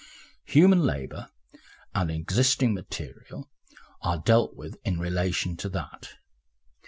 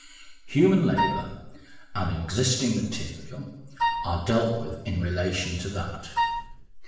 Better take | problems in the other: first | background sound (Wind instrument, woodwind instrument); 1 dB below the speech // room echo; dies away in 0.9 s

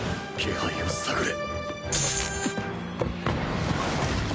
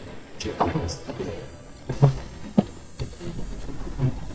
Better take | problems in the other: first | noise reduction (neural mask model DeepFilterNet 3)

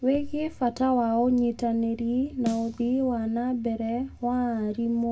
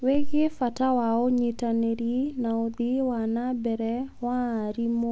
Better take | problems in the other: second | background sound (Snare drum); 18 dB below the speech // room echo; dies away in 0.2 s

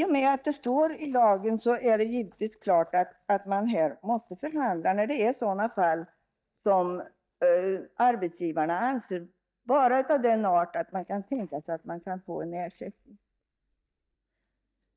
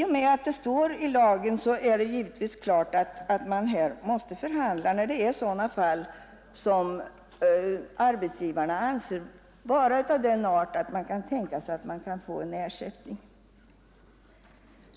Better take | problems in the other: second | noise reduction (neural mask model DeepFilterNet 3)

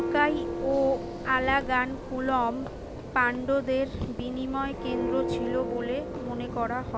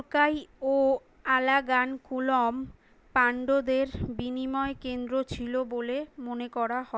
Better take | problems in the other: second | background sound (Church bell); 5 dB below the speech

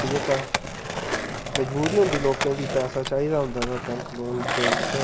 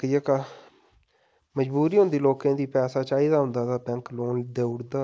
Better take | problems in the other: second | background sound (Skateboard); 2 dB below the speech // room echo; dies away in 1 s

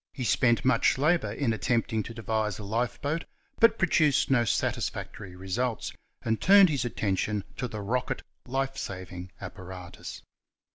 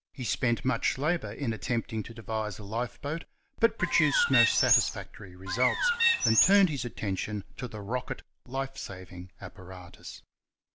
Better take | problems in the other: first | background sound (Bird); 3 dB above the speech

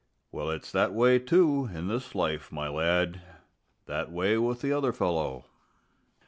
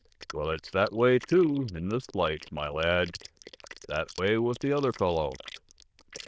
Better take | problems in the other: first | noise reduction (neural diffusion model UNIVERSE++)

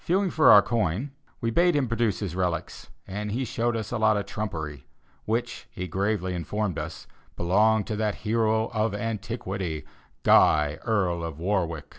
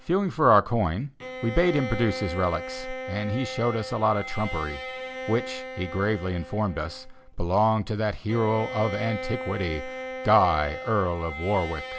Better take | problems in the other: first | background sound (Bowed string instrument); 10 dB below the speech

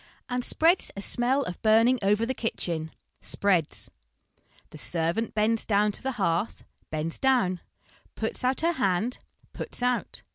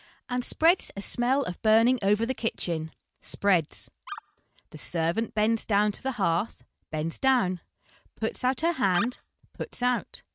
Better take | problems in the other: first | noise reduction (neural mask model RNNoise)

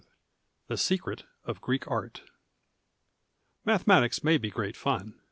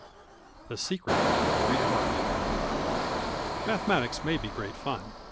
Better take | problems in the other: first | background sound (Engine); 4 dB above the speech

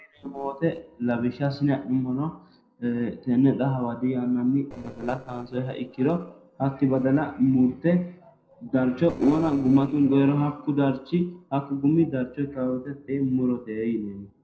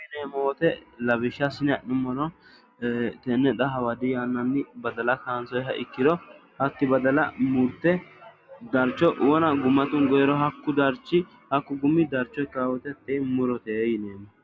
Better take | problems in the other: second | noise reduction (neural separator model SepFormer DNS4)

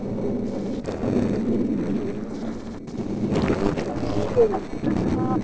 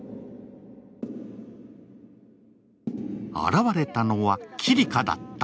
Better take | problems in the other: second | noise reduction (neural separator model SepFormer DNS4)

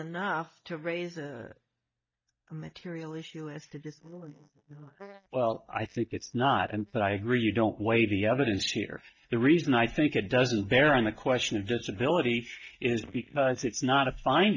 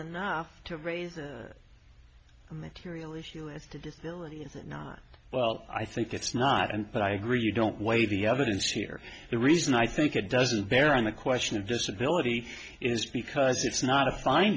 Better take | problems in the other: second | noise reduction (neural mask model DeepFilterNet 3)

